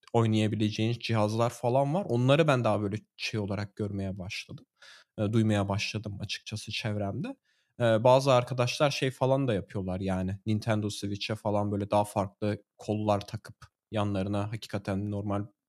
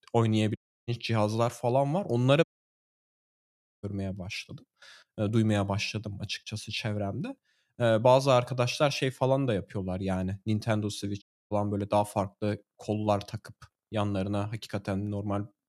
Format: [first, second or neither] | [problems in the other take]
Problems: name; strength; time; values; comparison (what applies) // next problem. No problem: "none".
first | audio cutting out; at 0.5 s, at 2.5 s for 1.5 s and at 11 s